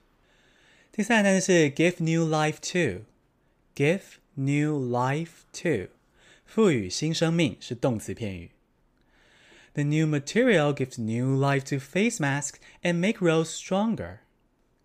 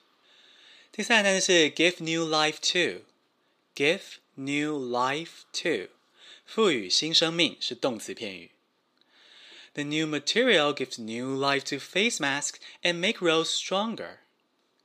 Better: first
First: none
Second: thin; somewhat; fading below 300 Hz

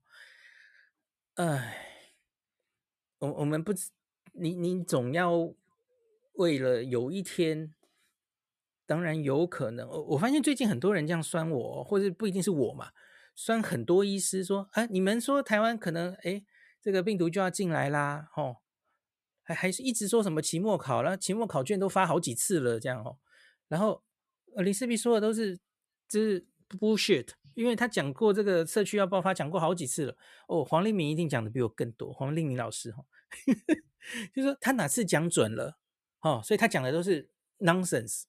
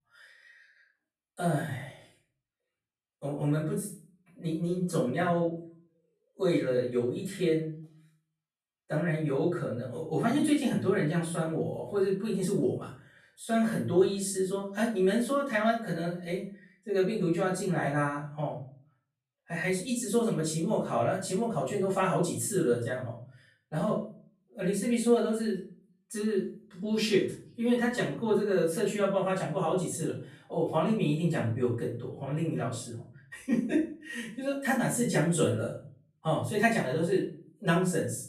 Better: first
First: none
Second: off-mic speech; far // room echo; noticeable; dies away in 0.4 s

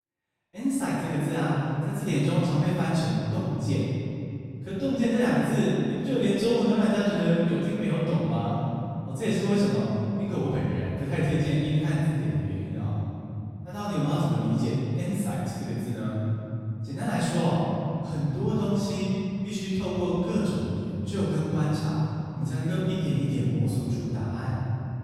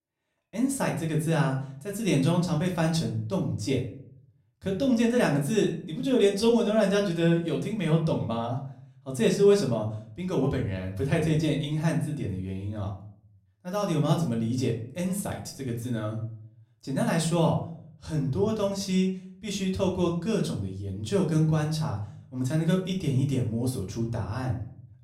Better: second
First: room echo; strong; dies away in 3 s // off-mic speech; far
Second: room echo; slight; dies away in 0.4 s // off-mic speech; somewhat distant

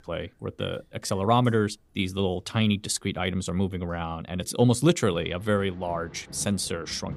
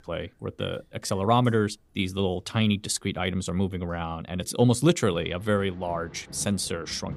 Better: neither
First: rain or running water; faint; throughout; 20 dB below the speech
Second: rain or running water; faint; throughout; 20 dB below the speech

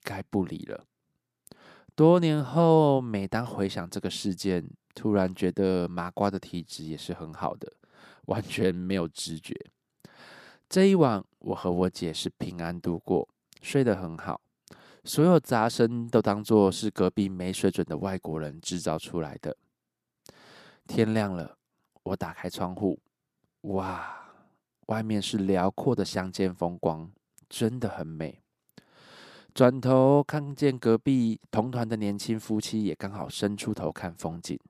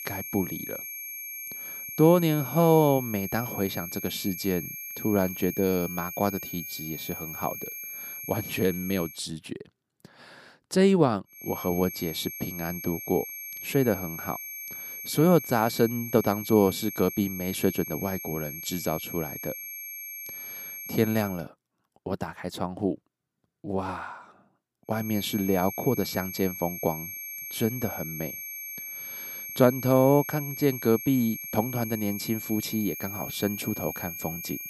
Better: first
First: none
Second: high-pitched whine; loud; until 9 s, from 11 to 21 s and from 25 s on; 2.5 kHz, 8 dB below the speech

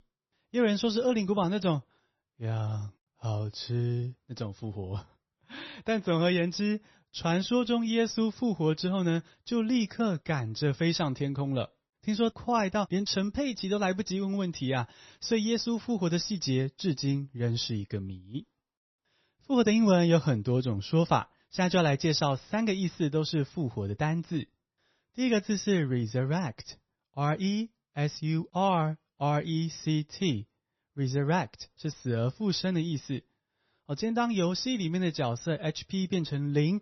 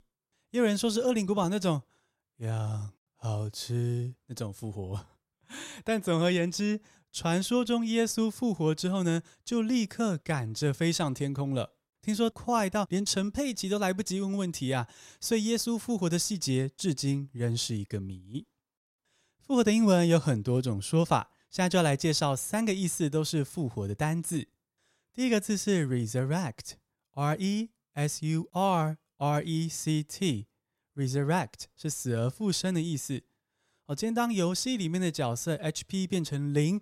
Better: second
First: garbled, watery; slightly; nothing above 6 kHz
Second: none

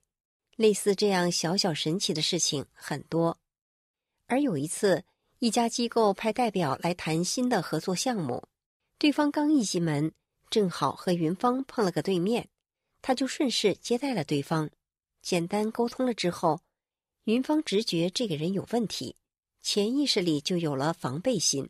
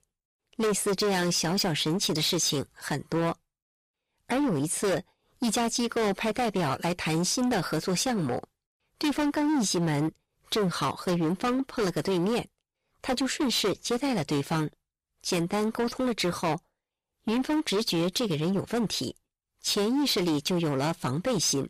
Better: first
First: none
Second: distortion; heavy; 19% of the sound clipped

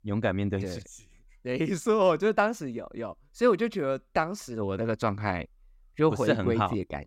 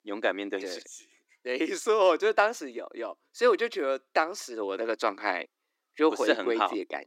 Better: first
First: none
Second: thin; somewhat; fading below 300 Hz

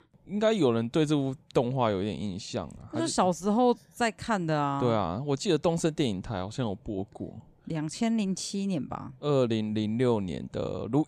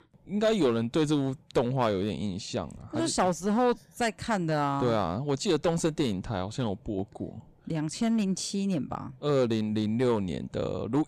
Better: first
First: none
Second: distortion; slight; 4% of the sound clipped

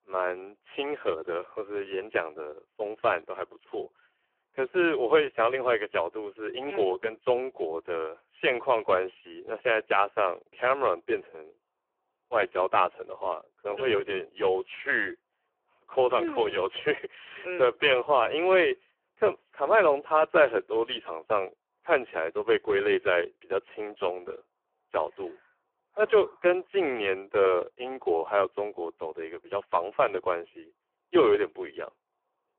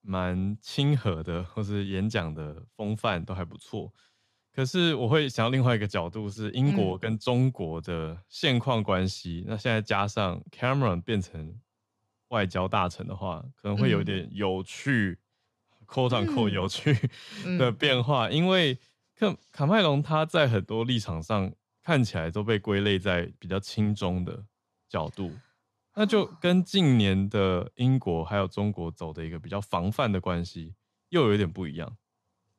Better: second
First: phone-call audio; poor line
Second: none

